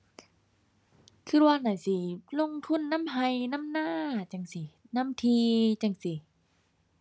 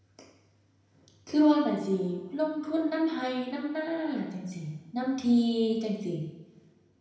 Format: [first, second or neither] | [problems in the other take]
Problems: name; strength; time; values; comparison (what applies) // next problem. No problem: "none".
first | room echo; dies away in 0.9 s